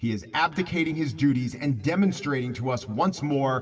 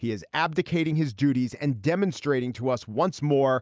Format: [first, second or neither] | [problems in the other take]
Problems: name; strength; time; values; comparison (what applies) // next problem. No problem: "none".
second | room echo; dies away in 1.7 s